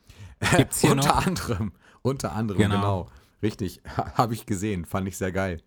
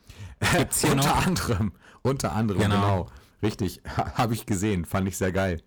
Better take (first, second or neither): first